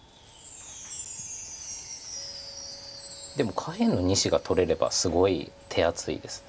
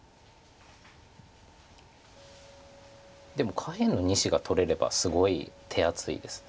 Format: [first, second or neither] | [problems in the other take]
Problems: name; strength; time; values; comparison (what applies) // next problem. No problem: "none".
second | background sound (Wind chime); 14 dB below the speech